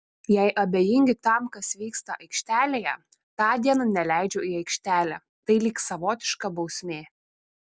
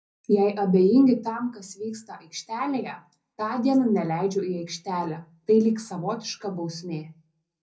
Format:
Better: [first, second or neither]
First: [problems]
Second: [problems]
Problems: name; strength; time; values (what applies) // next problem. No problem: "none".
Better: first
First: none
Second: room echo; dies away in 0.4 s